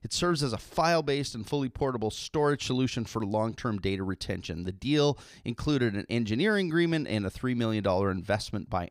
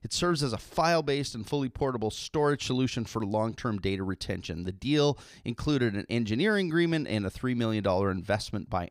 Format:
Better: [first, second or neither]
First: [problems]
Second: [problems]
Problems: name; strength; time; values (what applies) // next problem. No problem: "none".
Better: neither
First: none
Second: none